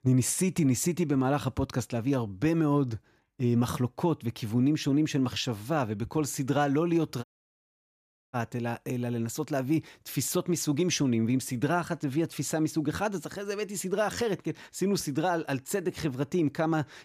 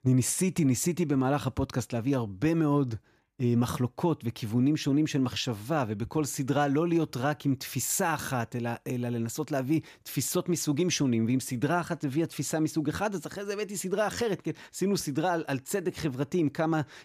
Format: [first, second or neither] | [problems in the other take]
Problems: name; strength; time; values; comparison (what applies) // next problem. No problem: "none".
second | audio cutting out; at 7 s for 1 s